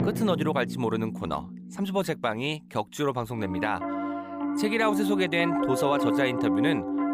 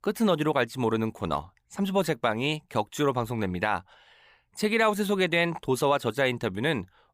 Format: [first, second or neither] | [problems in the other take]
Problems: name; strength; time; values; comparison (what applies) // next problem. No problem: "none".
second | background music; loud; throughout; 1 dB below the speech